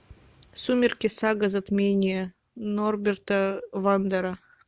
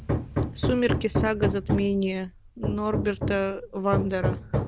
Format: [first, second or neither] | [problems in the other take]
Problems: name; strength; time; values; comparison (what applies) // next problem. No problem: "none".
first | background sound (Hammer); 1 dB below the speech